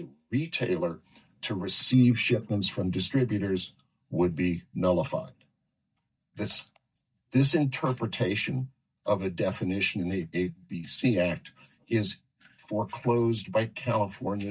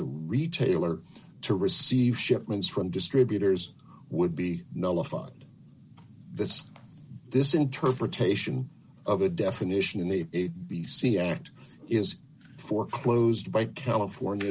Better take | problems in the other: second | noise reduction (neural mask model DeepFilterNet 3)

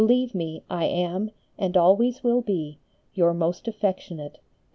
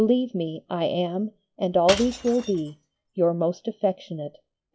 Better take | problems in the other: first | noise reduction (classical method log-MMSE)

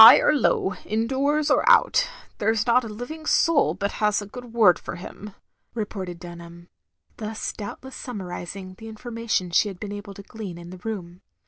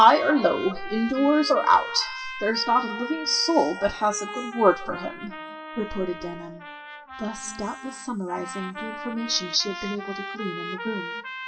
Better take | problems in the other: first | noise reduction (classical method WPE with log-MMSE)

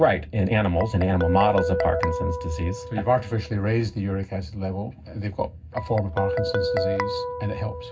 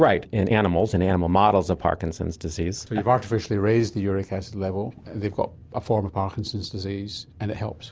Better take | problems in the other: second | background sound (Guitar); 5 dB below the speech // room echo; dies away in 0.4 s

